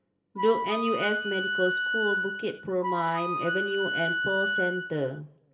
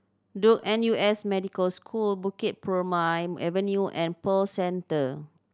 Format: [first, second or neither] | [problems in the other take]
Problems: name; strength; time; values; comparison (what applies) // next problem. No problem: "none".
second | background sound (Wind instrument, woodwind instrument); as loud as the speech // room echo; dies away in 0.4 s